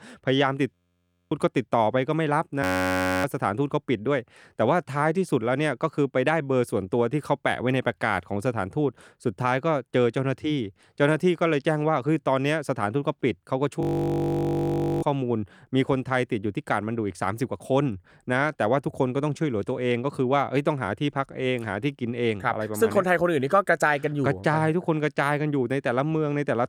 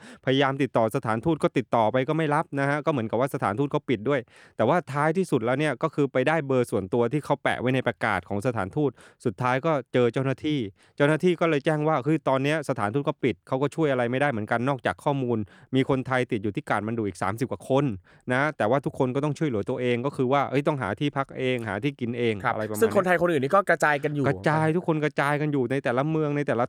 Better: second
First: audio freezing; at 0.5 s for 0.5 s, at 2.5 s for 0.5 s and at 14 s for 1 s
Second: none

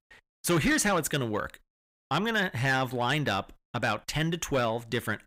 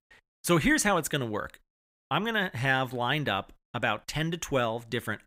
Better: second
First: distortion; slight; 10 dB below the speech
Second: none

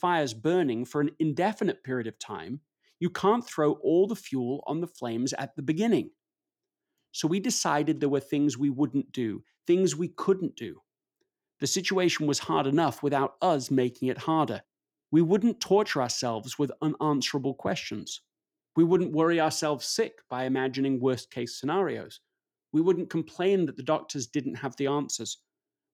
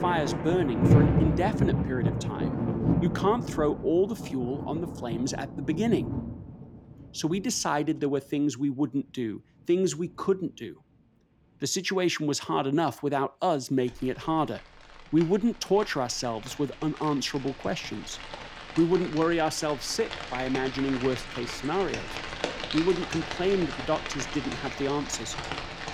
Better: first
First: none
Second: rain or running water; loud; throughout; 3 dB below the speech

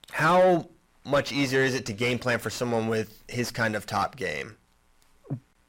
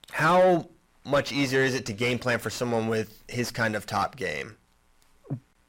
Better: neither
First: distortion; heavy; 6 dB below the speech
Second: distortion; heavy; 6 dB below the speech

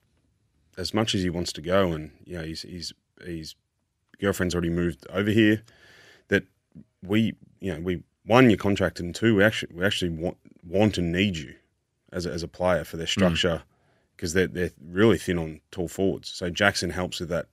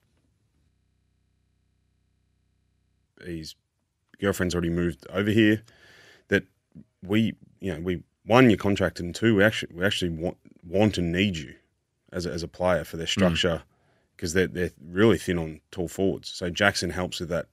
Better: first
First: none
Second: audio freezing; at 0.5 s for 2.5 s

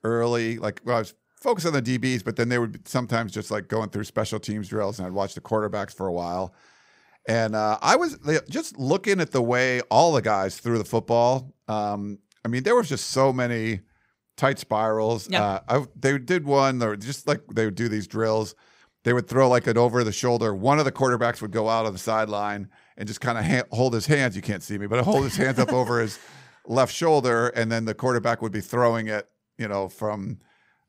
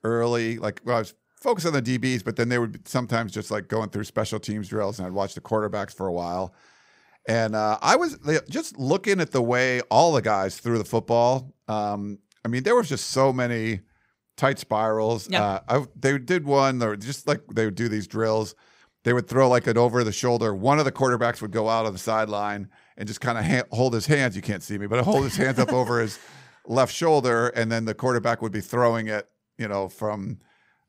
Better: neither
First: none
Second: none

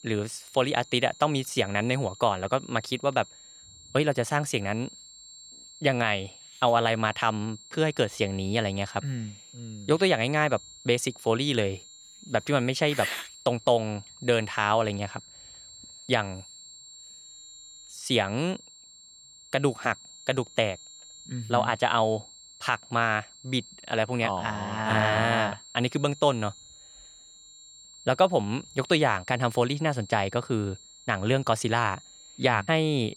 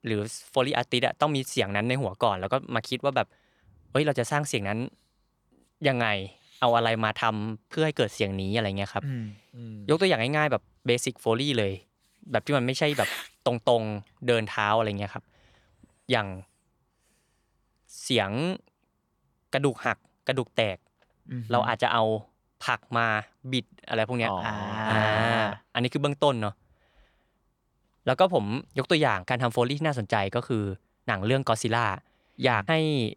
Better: second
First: high-pitched whine; noticeable; throughout; 7.5 kHz, 20 dB below the speech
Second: none

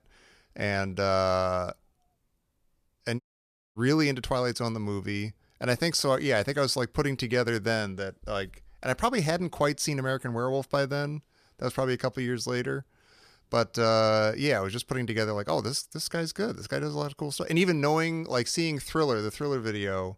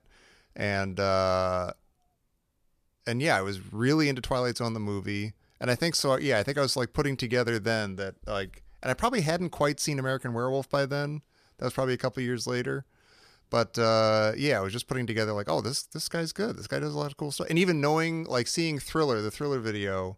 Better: second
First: audio cutting out; at 3 s for 0.5 s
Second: none

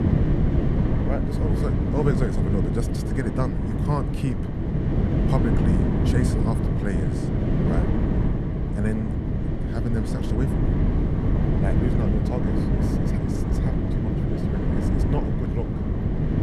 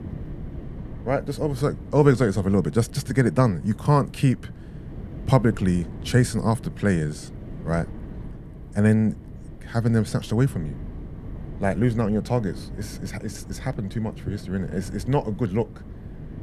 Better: second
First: wind noise on the microphone; heavy; 2 dB above the speech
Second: wind noise on the microphone; occasional gusts; 20 dB below the speech

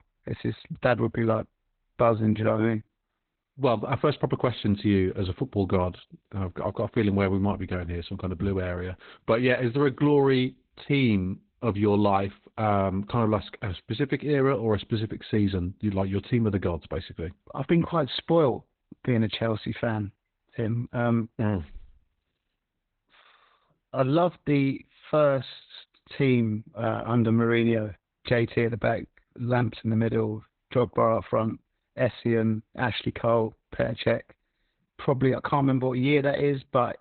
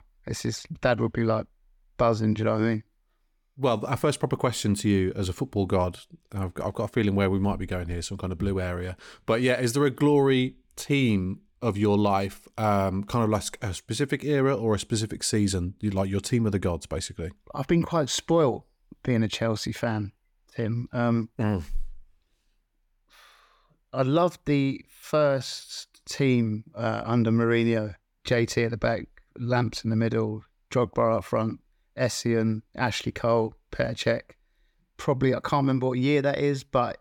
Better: second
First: garbled, watery; badly; nothing above 4 kHz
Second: none

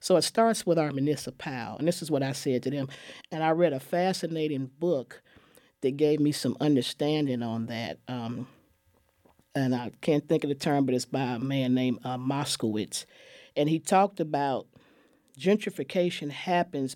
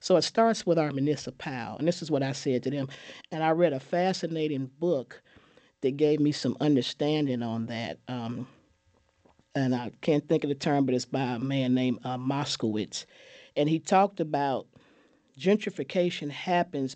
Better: first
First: none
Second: garbled, watery; slightly; nothing above 8 kHz

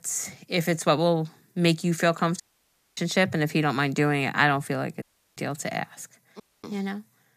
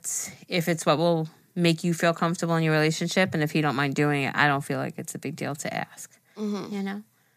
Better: second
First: audio cutting out; at 2.5 s for 0.5 s, at 5 s and at 6.5 s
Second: none

